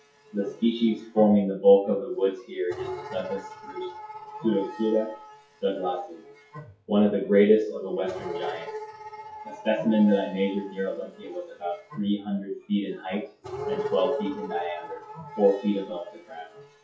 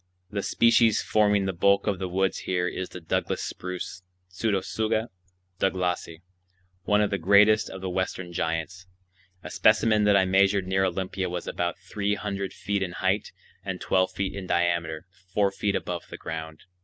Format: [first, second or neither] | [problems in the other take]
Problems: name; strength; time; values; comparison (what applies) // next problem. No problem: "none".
second | noise reduction (classical method WPE with log-MMSE)